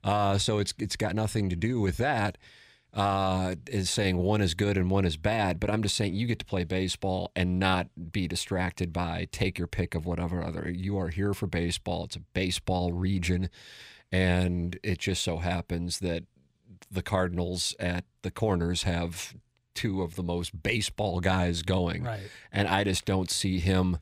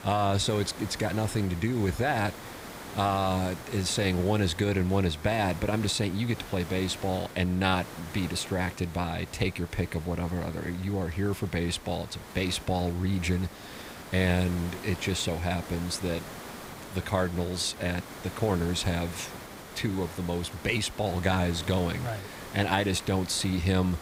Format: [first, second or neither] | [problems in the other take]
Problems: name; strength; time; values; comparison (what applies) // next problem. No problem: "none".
first | hiss; noticeable; throughout; 15 dB below the speech